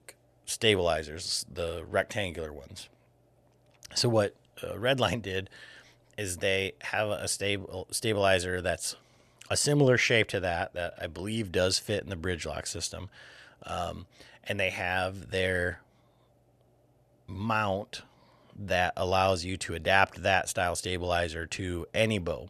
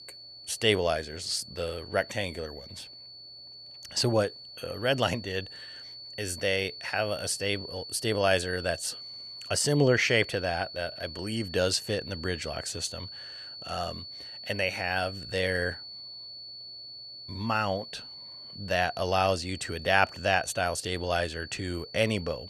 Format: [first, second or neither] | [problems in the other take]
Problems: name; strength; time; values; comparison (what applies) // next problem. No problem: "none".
first | high-pitched whine; noticeable; throughout; 4.5 kHz, 10 dB below the speech